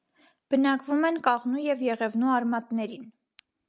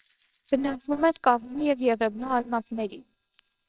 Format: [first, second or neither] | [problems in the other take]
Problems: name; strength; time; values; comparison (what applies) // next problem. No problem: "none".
first | noise reduction (neural separator model SepFormer WHAMR!)